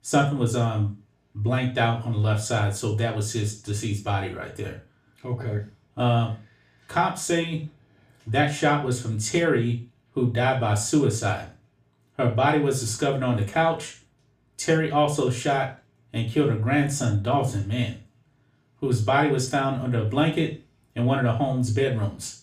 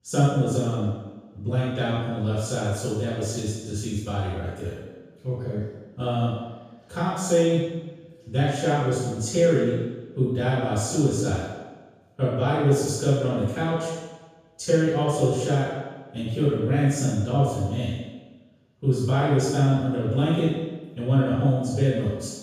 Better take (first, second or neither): first